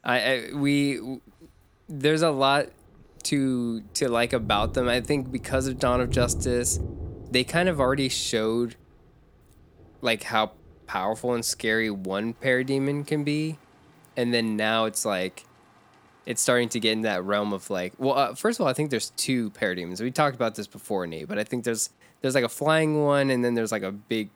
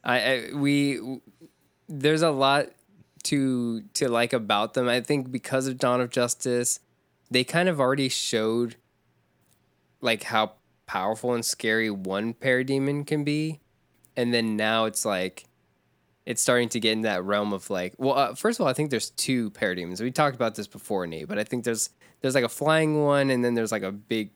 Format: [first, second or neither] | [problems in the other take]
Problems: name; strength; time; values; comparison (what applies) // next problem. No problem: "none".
second | rain or running water; noticeable; throughout; 10 dB below the speech